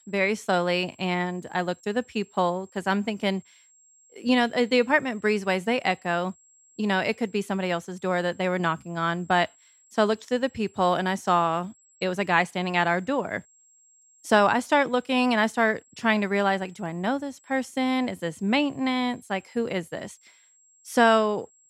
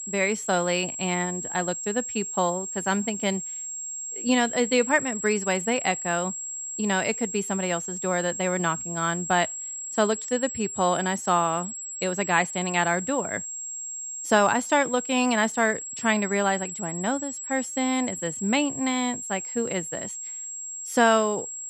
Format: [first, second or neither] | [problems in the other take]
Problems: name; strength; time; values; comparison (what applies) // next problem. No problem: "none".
first | high-pitched whine; loud; throughout; 7.5 kHz, 6 dB below the speech; faint in the first